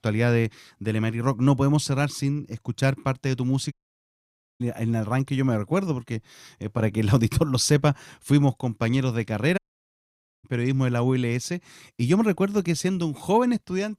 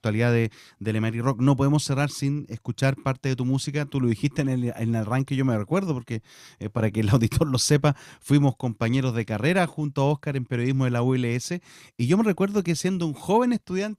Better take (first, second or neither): second